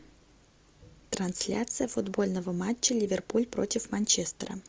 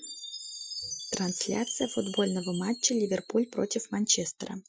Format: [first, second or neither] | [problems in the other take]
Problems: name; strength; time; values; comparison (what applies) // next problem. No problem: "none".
first | noise reduction (classical method Wiener filter)